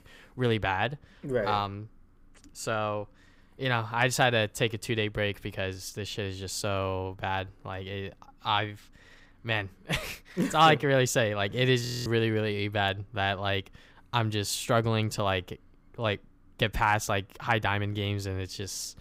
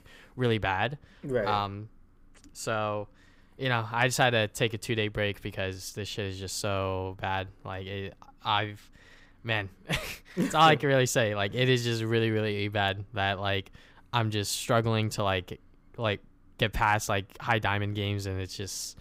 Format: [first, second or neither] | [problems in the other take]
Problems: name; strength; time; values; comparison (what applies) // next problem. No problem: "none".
second | audio freezing; at 12 s